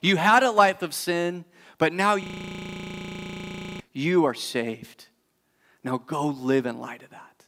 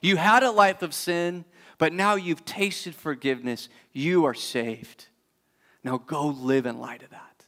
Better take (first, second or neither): second